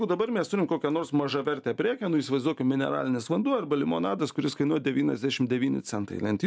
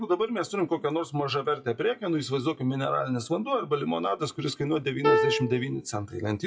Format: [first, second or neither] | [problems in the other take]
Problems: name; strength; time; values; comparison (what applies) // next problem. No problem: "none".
first | noise reduction (classical method WPE with log-MMSE)